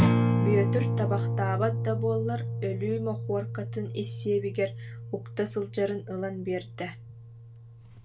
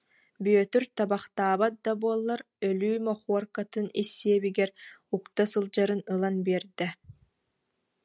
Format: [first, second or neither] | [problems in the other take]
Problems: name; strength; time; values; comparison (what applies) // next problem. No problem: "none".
second | background sound (Acoustic guitar); 2 dB above the speech // room echo; dies away in 0.2 s